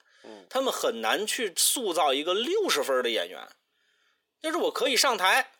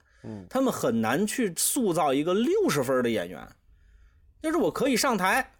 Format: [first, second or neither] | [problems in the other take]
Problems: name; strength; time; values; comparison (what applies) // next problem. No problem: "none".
second | thin; somewhat; fading below 400 Hz